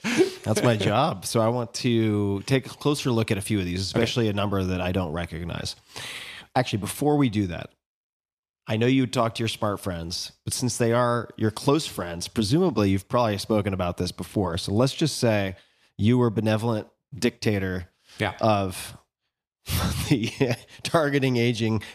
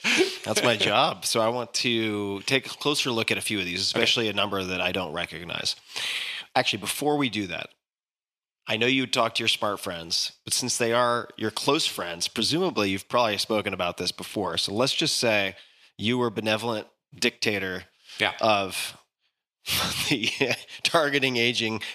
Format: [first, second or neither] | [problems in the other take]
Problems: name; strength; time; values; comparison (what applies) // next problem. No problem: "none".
first | thin; very slightly; fading below 500 Hz